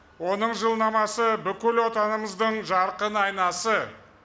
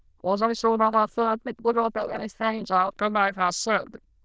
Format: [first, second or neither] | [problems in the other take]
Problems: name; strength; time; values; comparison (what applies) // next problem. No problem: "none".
first | noise reduction (neural diffusion model UNIVERSE++)